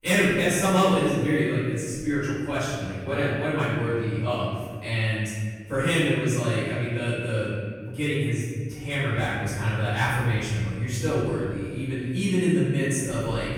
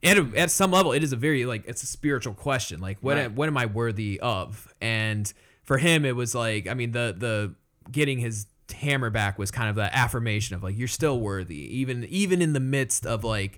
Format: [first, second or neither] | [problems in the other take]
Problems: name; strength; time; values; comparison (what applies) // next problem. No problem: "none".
second | off-mic speech; far // room echo; strong; dies away in 1.8 s